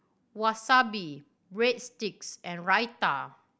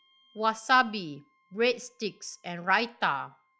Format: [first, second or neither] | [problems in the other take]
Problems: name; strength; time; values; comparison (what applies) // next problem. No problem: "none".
first | noise reduction (classical method log-MMSE)